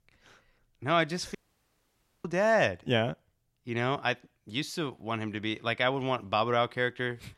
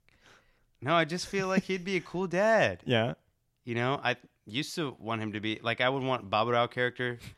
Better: second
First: audio cutting out; at 1.5 s for 1 s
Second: none

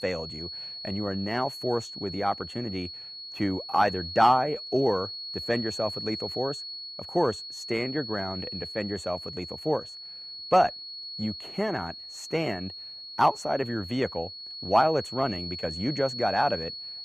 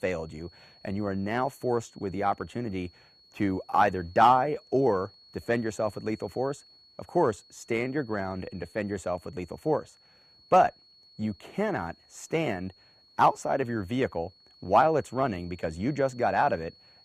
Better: second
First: high-pitched whine; loud; throughout; 4.5 kHz, 8 dB below the speech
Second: high-pitched whine; faint; throughout; 4.5 kHz, 25 dB below the speech

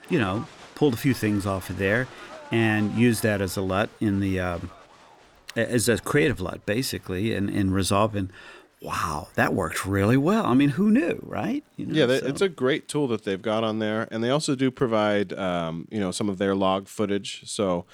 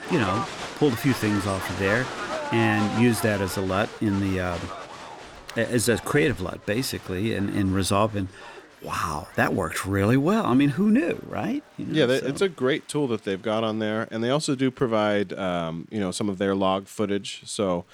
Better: first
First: crowd noise; faint; throughout; 20 dB below the speech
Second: crowd noise; loud; throughout; 10 dB below the speech

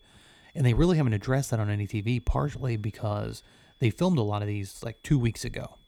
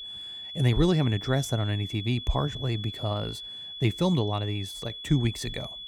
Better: first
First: high-pitched whine; faint; throughout; 3.5 kHz, 35 dB below the speech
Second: high-pitched whine; loud; throughout; 3.5 kHz, 9 dB below the speech

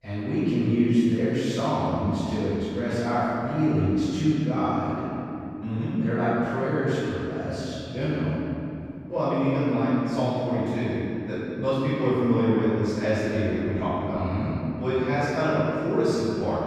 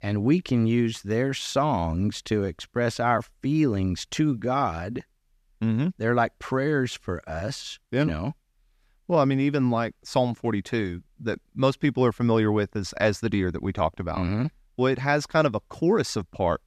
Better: second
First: off-mic speech; far // room echo; strong; dies away in 2.8 s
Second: none

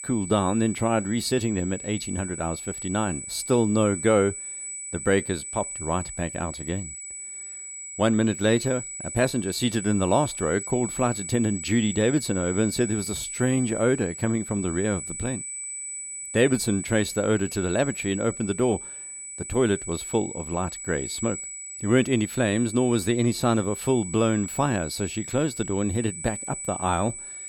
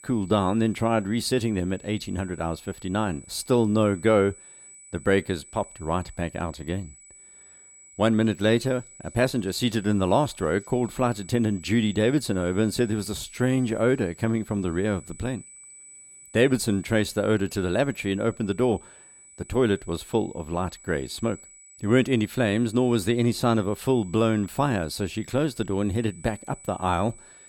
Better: second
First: high-pitched whine; loud; throughout; 8 kHz, 8 dB below the speech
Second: high-pitched whine; faint; throughout; 8 kHz, 20 dB below the speech

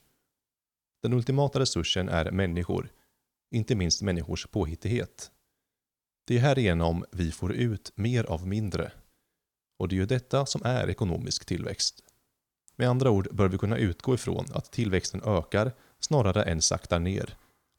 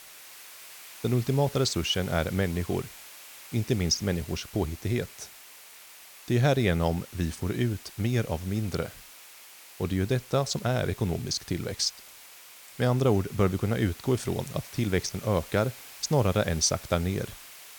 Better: first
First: none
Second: hiss; noticeable; throughout; 15 dB below the speech

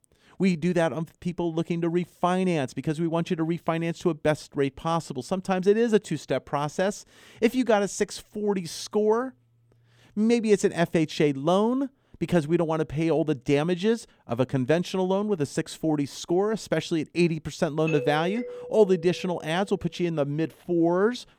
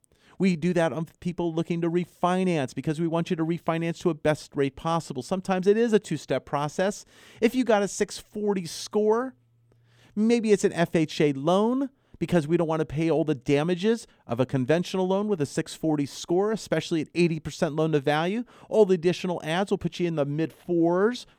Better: second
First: doorbell; noticeable; from 18 to 20 s; peak 7 dB below the speech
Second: none

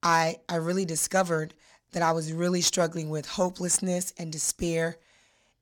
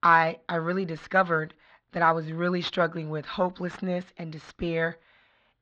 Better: first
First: none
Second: muffled; very; fading above 4 kHz

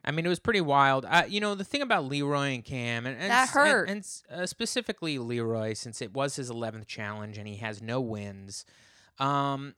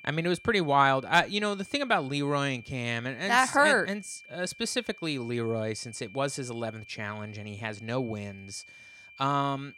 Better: first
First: none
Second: high-pitched whine; faint; throughout; 2.5 kHz, 20 dB below the speech

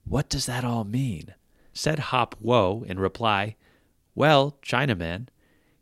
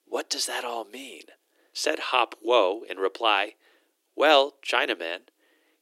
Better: first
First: none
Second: thin; very; fading below 300 Hz

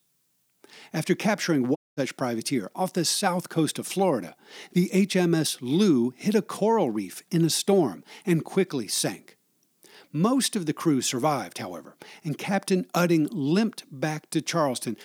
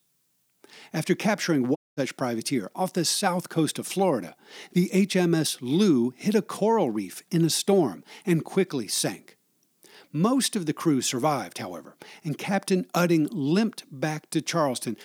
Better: neither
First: audio cutting out; at 2 s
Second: audio cutting out; at 2 s

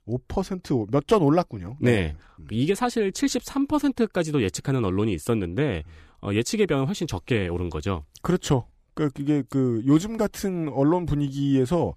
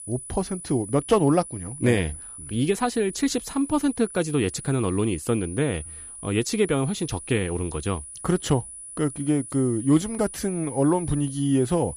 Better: first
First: none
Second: high-pitched whine; noticeable; throughout; 10 kHz, 10 dB below the speech

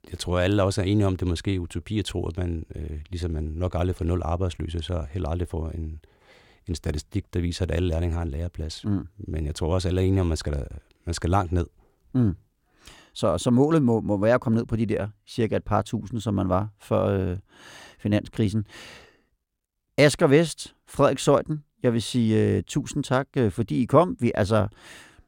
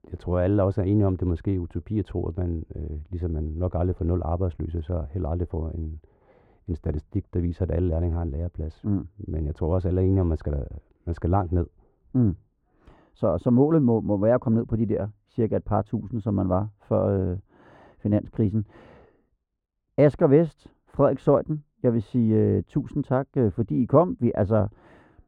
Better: first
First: none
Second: muffled; very; fading above 2 kHz

